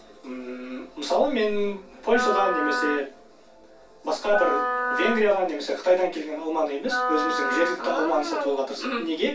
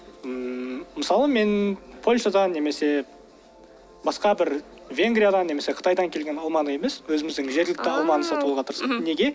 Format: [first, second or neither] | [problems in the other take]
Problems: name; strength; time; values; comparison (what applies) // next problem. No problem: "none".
second | background sound (Wind instrument, woodwind instrument); 3 dB below the speech // room echo; dies away in 0.2 s